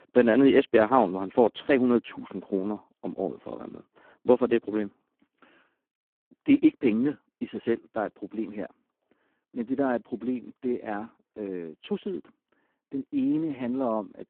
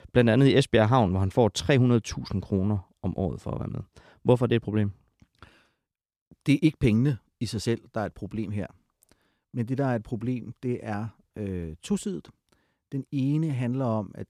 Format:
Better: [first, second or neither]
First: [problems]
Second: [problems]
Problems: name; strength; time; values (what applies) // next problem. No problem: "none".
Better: second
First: phone-call audio; poor line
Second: none